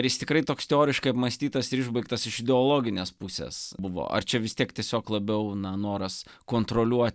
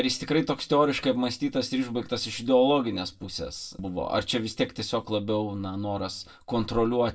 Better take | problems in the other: first | room echo; dies away in 0.1 s

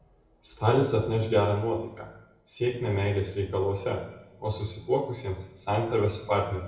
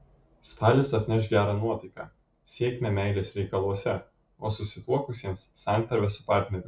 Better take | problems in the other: second | room echo; dies away in 0.8 s

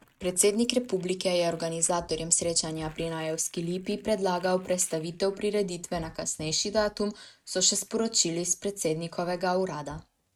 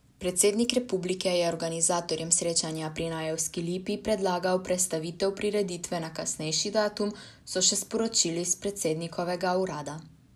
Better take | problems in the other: second | noise reduction (neural mask model RNNoise)

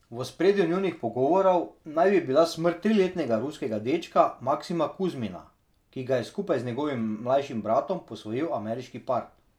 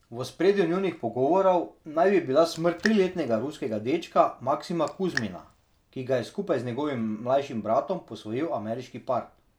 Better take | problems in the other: first | background sound (Raindrop); 13 dB below the speech

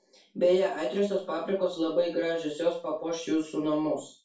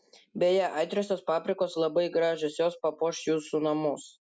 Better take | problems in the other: second | room echo; dies away in 0.3 s

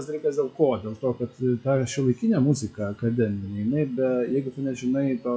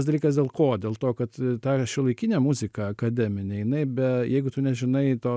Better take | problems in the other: second | noise reduction (classical method WPE with log-MMSE)

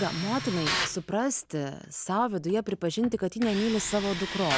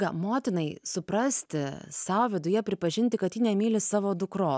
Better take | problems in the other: second | background sound (Tools); 7 dB below the speech

